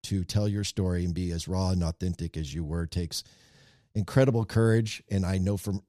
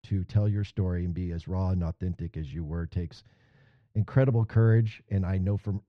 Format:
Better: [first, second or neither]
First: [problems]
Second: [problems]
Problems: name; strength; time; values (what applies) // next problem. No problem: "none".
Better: first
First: none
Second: muffled; very; fading above 2 kHz